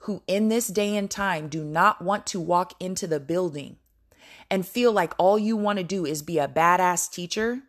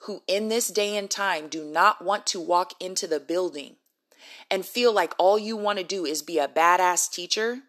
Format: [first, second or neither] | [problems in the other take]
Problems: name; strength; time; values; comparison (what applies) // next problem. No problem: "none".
first | thin; somewhat; fading below 300 Hz